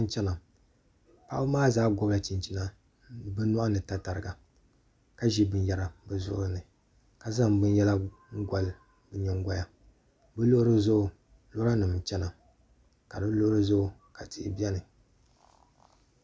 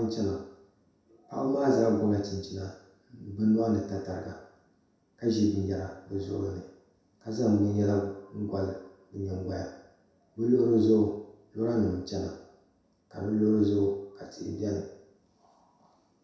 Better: first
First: none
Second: room echo; dies away in 0.7 s

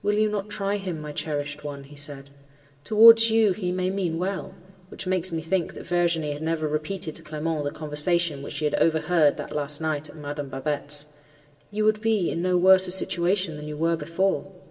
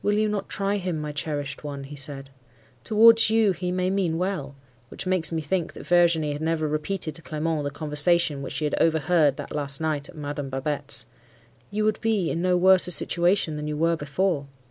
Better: second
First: room echo; dies away in 1.7 s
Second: none

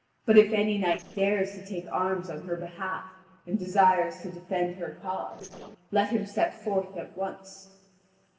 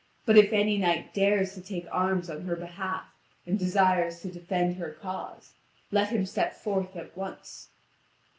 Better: second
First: noise reduction (neural separator model SepFormer DNS4)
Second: none

